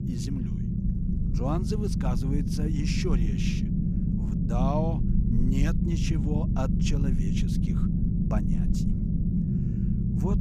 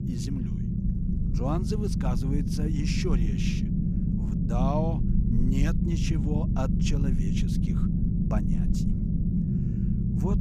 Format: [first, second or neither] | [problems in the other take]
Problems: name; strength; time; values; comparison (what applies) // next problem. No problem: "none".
neither | low rumble; loud; throughout; 1 dB below the speech; the same in both